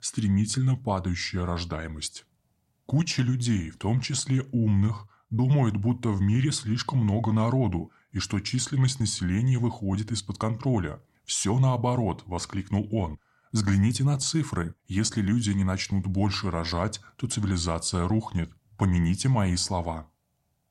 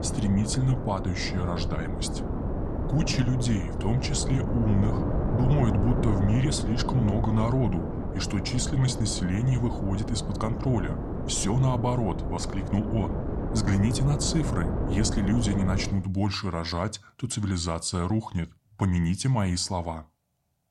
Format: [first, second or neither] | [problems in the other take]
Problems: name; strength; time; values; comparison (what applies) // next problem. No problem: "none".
first | wind noise on the microphone; heavy; until 16 s; 4 dB below the speech